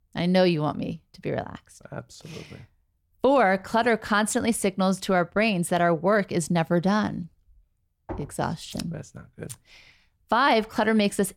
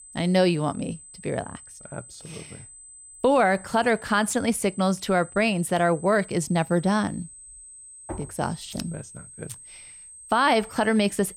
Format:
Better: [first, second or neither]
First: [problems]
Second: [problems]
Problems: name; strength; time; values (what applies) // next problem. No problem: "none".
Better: first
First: none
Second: high-pitched whine; noticeable; throughout; 8 kHz, 20 dB below the speech